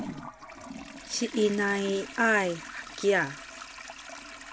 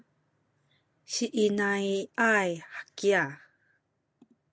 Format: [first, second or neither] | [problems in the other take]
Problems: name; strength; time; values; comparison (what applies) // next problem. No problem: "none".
second | background sound (Toilet flush); 12 dB below the speech